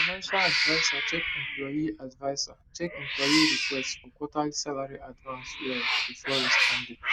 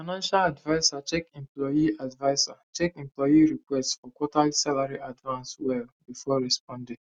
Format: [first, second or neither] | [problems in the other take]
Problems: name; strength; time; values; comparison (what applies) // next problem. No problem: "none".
second | background sound (Cat); 3 dB above the speech